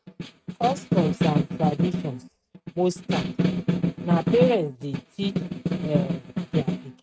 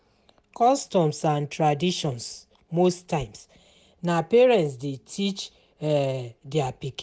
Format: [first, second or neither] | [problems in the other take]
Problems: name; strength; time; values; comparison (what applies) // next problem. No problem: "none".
second | noise reduction (neural mask model RNNoise)